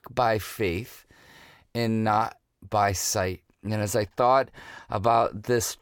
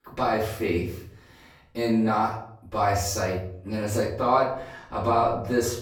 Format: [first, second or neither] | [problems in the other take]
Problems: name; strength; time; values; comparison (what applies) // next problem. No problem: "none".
first | off-mic speech; far // room echo; noticeable; dies away in 0.5 s